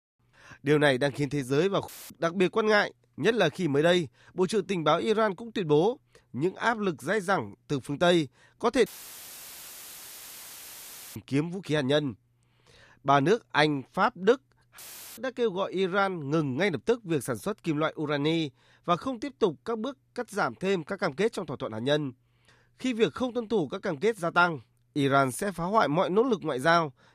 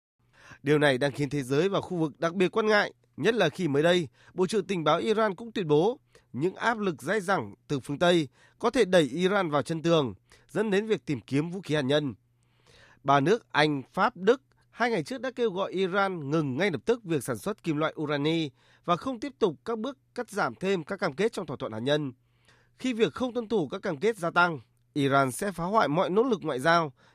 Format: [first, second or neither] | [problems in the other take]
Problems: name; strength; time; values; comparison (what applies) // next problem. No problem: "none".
second | audio cutting out; filled with static; at 2 s, at 9 s for 2.5 s and at 15 s